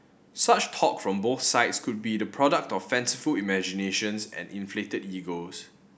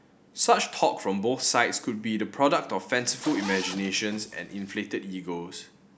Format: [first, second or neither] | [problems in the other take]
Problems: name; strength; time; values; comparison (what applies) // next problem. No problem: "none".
first | background sound (Zipper (clothing)); 13 dB below the speech